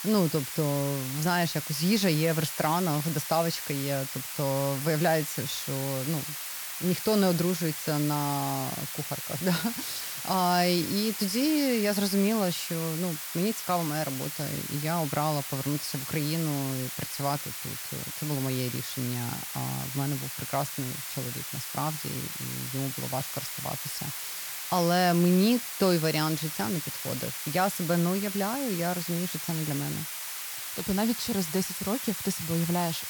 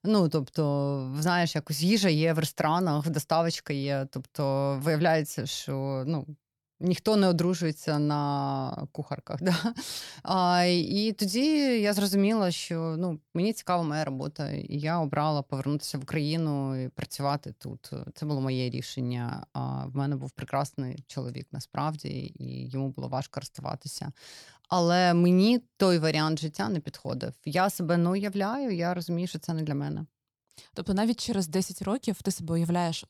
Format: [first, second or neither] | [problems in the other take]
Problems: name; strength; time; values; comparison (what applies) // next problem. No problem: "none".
second | hiss; loud; throughout; 4 dB below the speech